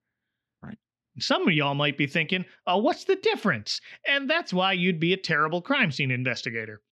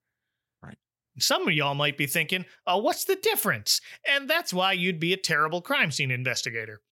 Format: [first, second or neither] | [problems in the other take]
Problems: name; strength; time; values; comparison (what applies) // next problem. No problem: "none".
second | muffled; very slightly; fading above 4 kHz